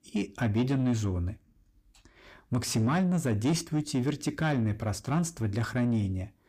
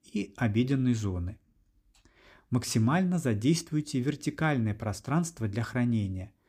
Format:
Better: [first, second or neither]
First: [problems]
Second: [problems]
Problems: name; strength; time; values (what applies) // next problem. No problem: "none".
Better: second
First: distortion; slight; 10 dB below the speech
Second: none